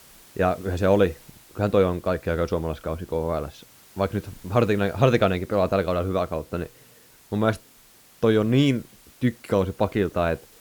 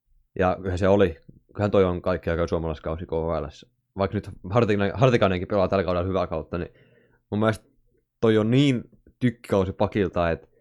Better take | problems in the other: second | hiss; faint; throughout; 25 dB below the speech

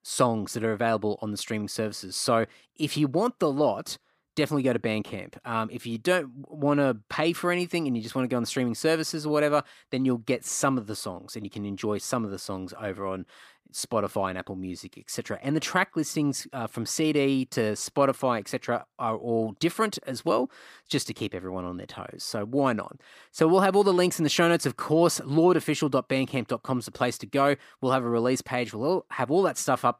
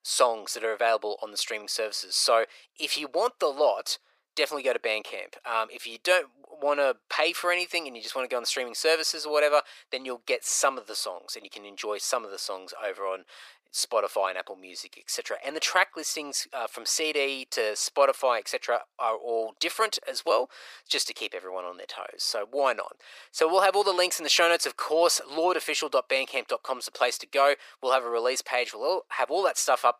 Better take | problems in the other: first | thin; very; fading below 500 Hz

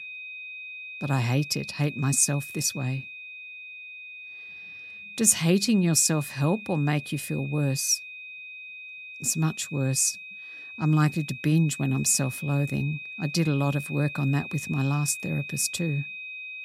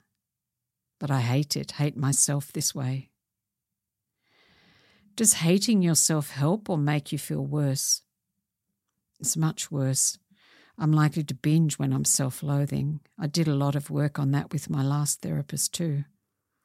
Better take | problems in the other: second | high-pitched whine; noticeable; throughout; 2.5 kHz, 10 dB below the speech

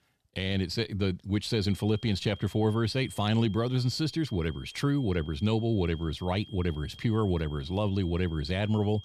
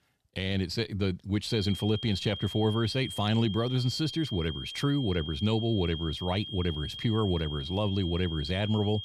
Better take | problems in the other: first | high-pitched whine; loud; from 1.5 s on; 3 kHz, 9 dB below the speech; faint in the first

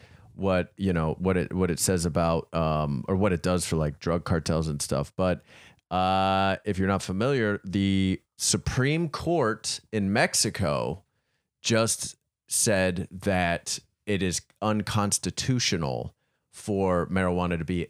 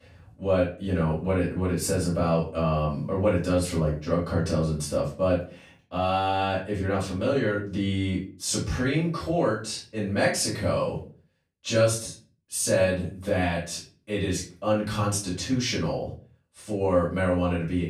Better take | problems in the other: first | off-mic speech; far // room echo; slight; dies away in 0.3 s

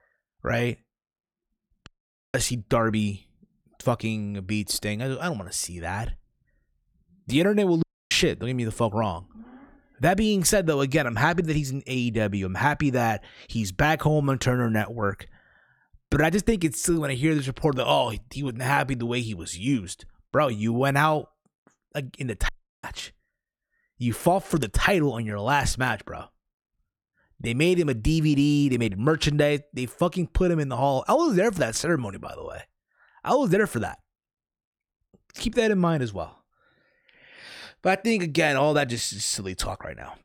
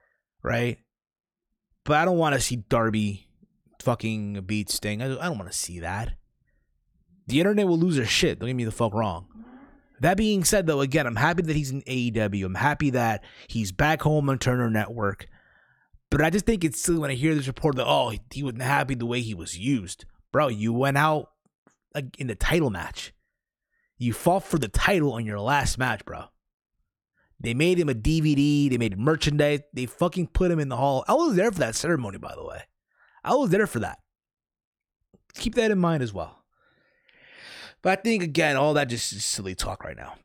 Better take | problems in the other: second | audio cutting out; at 2 s, at 8 s and at 22 s

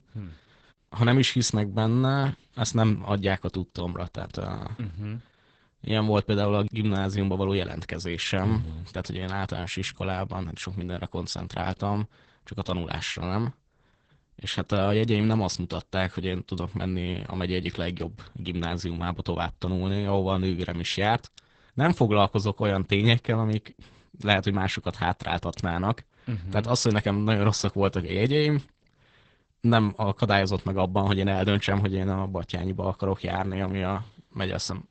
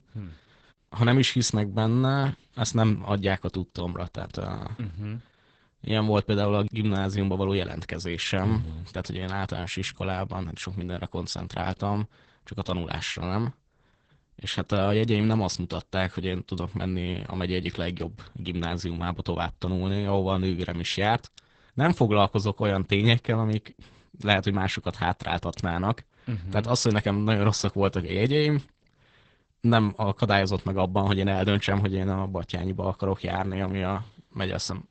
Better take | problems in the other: neither | garbled, watery; badly; nothing above 8 kHz; the same in both

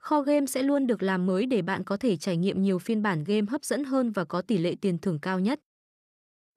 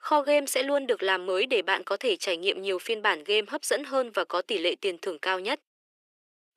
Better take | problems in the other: first | thin; very; fading below 350 Hz

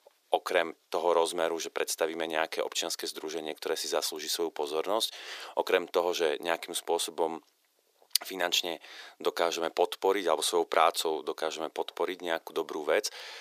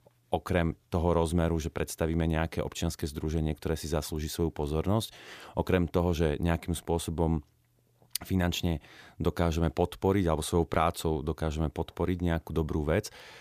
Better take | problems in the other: second | thin; very; fading below 400 Hz

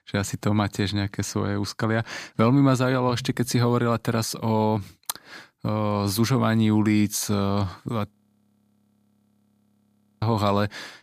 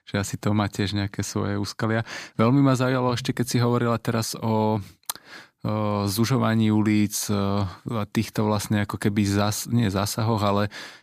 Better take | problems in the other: second | audio freezing; at 8 s for 2 s

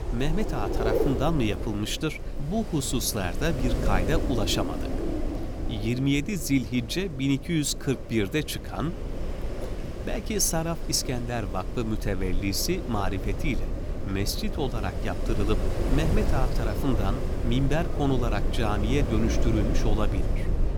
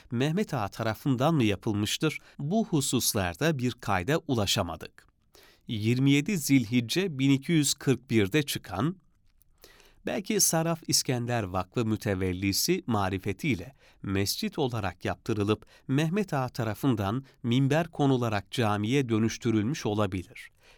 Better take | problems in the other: second | wind noise on the microphone; heavy; 6 dB below the speech

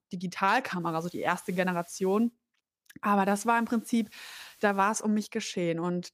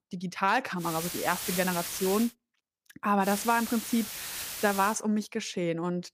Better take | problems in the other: first | hiss; loud; from 1 to 2.5 s and from 3.5 to 5 s; 6 dB below the speech; faint in the first

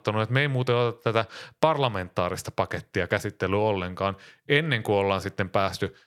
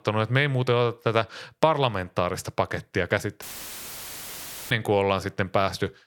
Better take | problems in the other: first | audio cutting out; filled with static; at 3.5 s for 1.5 s

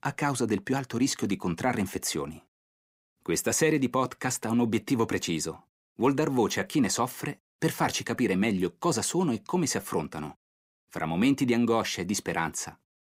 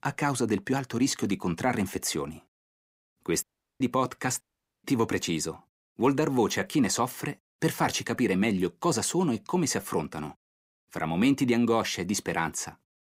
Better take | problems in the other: first | audio cutting out; at 3.5 s and at 4.5 s

